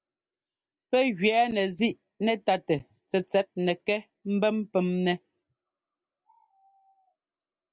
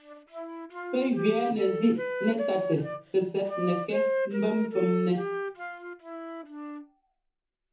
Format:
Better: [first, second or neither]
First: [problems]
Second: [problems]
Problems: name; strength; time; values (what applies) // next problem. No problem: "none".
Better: first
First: none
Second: background sound (Wind instrument, woodwind instrument); 4 dB below the speech // room echo; dies away in 0.6 s